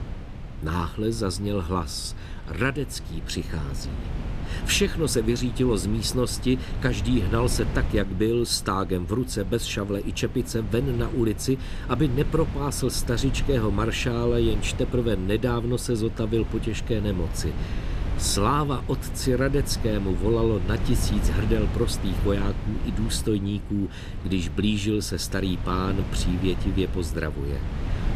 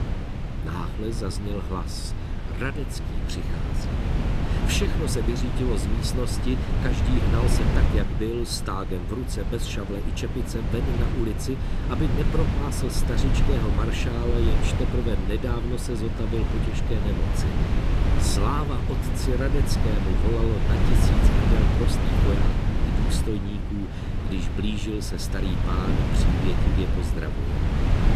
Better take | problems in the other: first | wind noise on the microphone; heavy; 1 dB below the speech; occasional gusts in the first

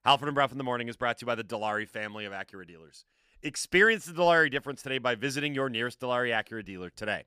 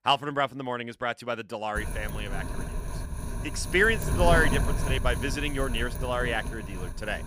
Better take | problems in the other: first | wind noise on the microphone; occasional gusts; from 2 s on; 10 dB below the speech

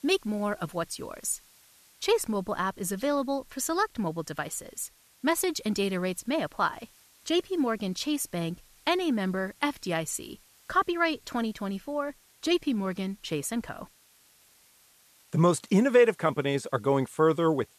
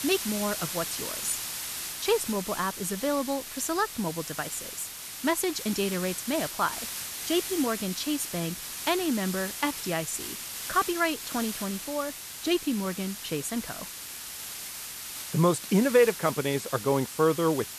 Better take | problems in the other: first | hiss; loud; throughout; 6 dB below the speech; faint in the first

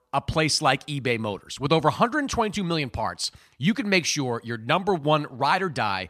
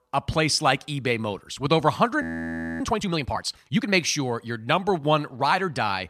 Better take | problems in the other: first | audio freezing; at 2 s for 0.5 s

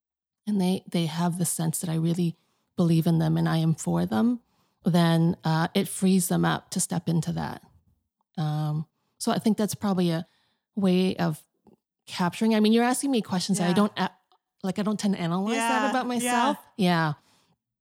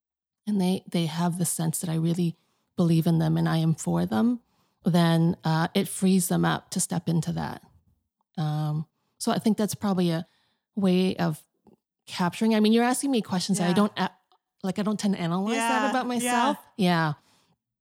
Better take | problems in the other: neither | none

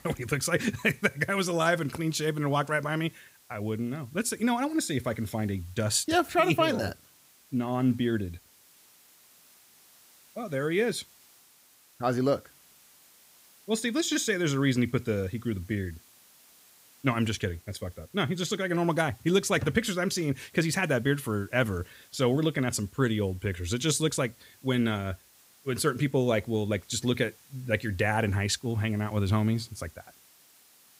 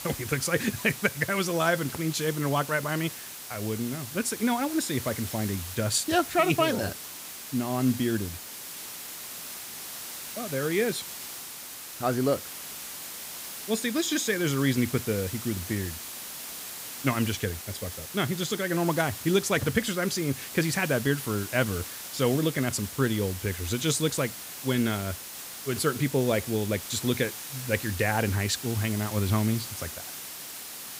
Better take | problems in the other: first | hiss; loud; throughout; 9 dB below the speech; faint in the first

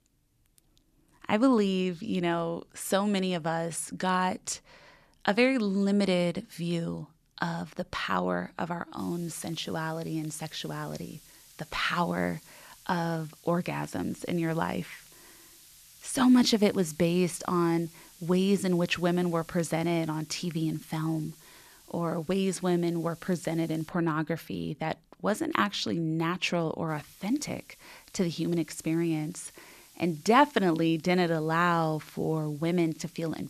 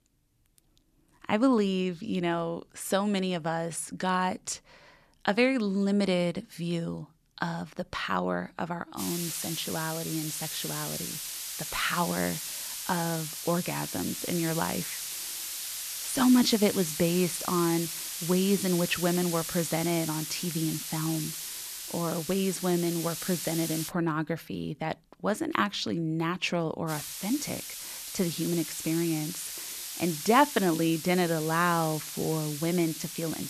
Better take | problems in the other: first | hiss; loud; from 9 to 24 s and from 27 s on; 5 dB below the speech; faint in the first

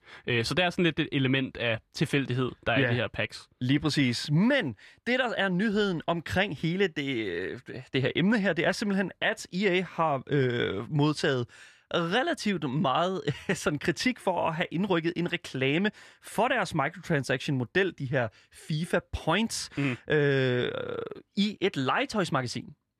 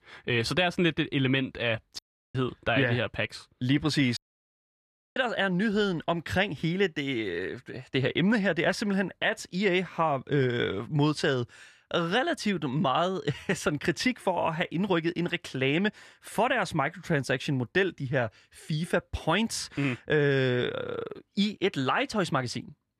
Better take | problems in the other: first | audio cutting out; at 2 s and at 4 s for 1 s

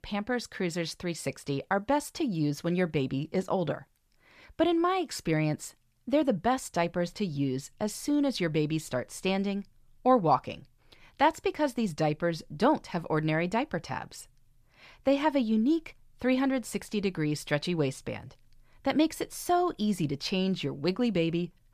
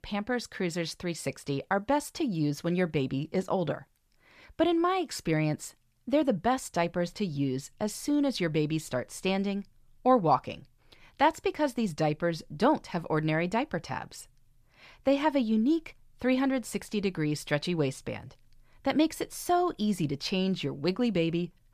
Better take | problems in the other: neither | none

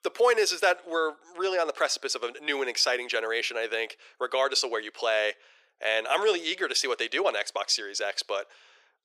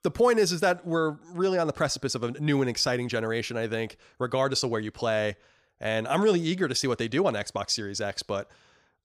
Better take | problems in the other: second | thin; very; fading below 400 Hz

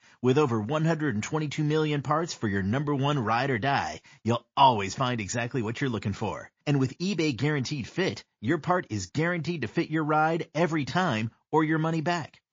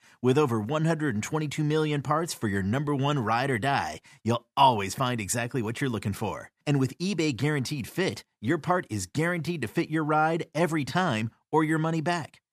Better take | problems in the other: second | garbled, watery; slightly

